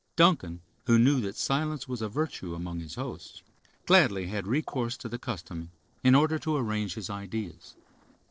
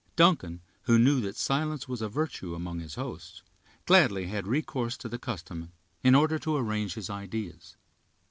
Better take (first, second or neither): second